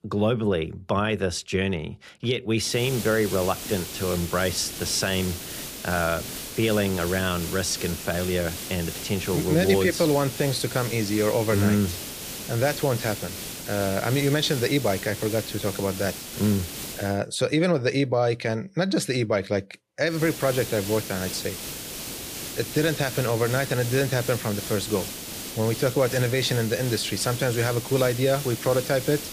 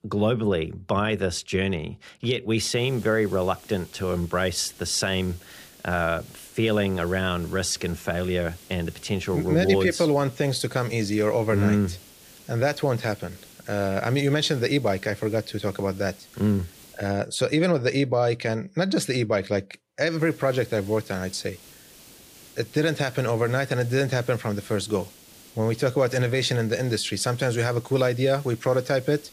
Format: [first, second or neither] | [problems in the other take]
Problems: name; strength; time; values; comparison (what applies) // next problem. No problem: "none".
second | hiss; loud; from 2.5 to 17 s and from 20 s on; 8 dB below the speech; faint in the second